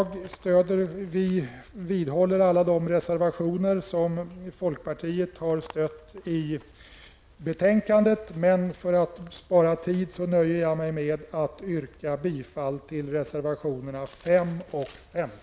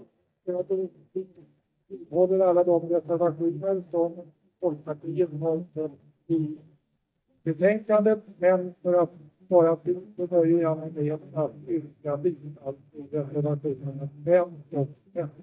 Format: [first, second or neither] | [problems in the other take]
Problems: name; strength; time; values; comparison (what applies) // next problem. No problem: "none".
first | noise reduction (neural mask model DeepFilterNet 3)